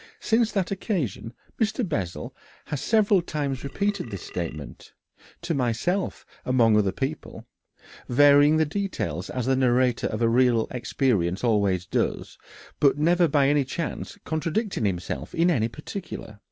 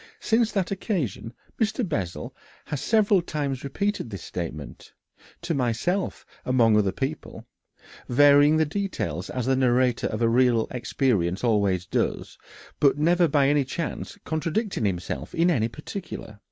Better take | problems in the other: second | background sound (Burping, eructation); 17 dB below the speech

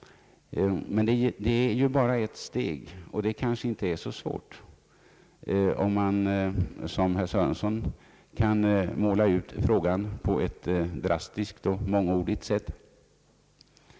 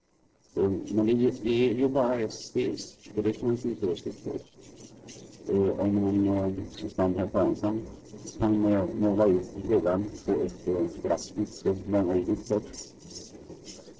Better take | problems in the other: first | noise reduction (neural separator model SepFormer DNS4)

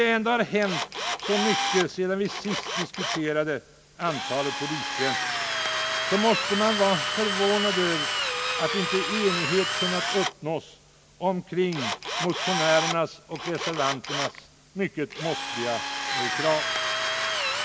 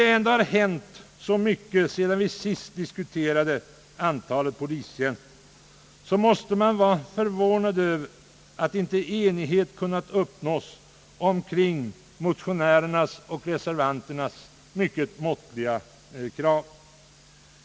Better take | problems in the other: second | background sound (Drill); 1 dB below the speech

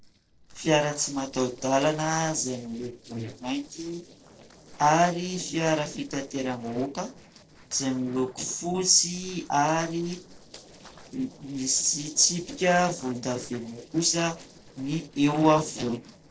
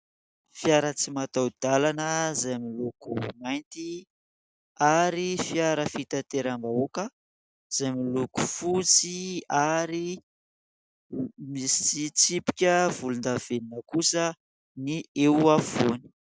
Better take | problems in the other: second | noise reduction (neural separator model SepFormer DNS4)

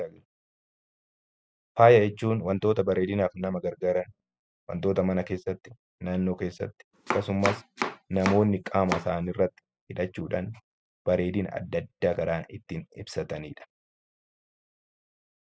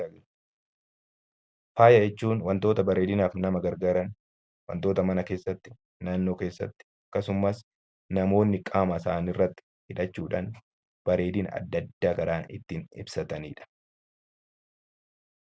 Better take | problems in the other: second | noise reduction (classical method spectral subtraction)

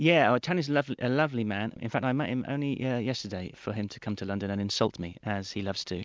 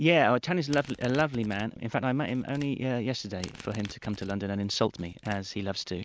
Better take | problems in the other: first | background sound (Domestic sounds, home sounds); 20 dB below the speech

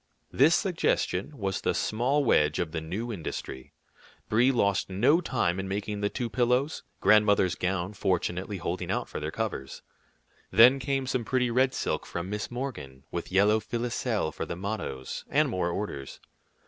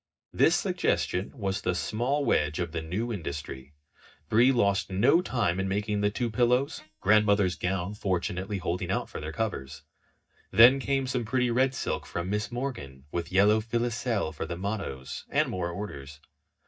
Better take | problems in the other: first | noise reduction (neural mask model DeepFilterNet 3)

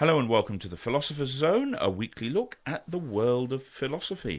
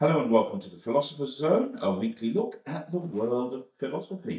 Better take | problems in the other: first | noise reduction (neural mask model DeepFilterNet 3)

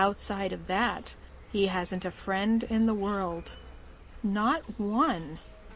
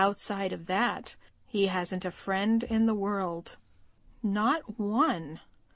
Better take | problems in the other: second | background sound (Insect); 18 dB below the speech

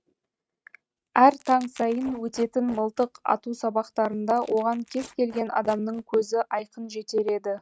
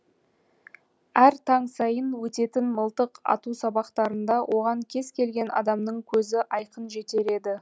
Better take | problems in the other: second | noise reduction (neural mask model RNNoise)

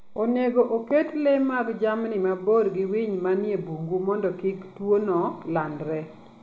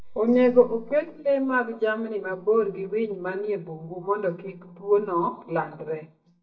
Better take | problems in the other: first | noise reduction (neural mask model DeepFilterNet 3)

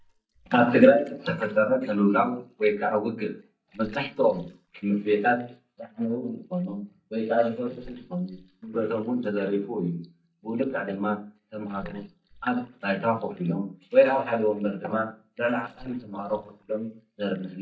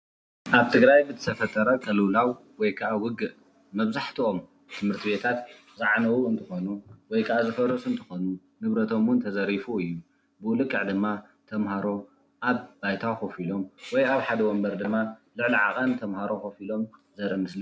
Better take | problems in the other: second | noise reduction (neural mask model DeepFilterNet 3)

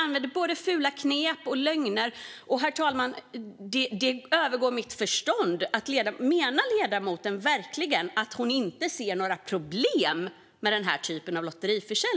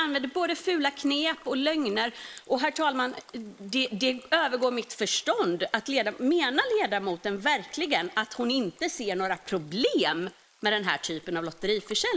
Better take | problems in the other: first | noise reduction (neural mask model Resemble Enhance denoiser)

